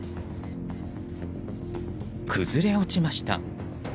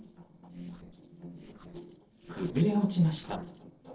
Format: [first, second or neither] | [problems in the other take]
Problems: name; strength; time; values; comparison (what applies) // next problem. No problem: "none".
first | noise reduction (neural separator model SepFormer DNS4)